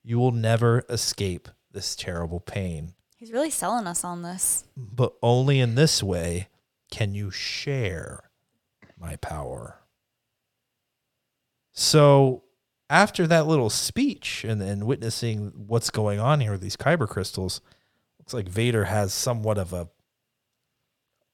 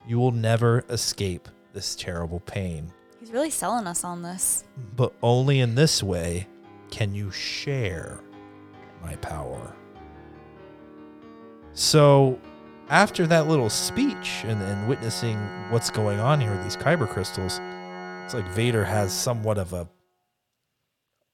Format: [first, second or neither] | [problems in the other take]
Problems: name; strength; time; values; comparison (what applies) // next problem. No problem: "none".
first | background music; noticeable; throughout; 15 dB below the speech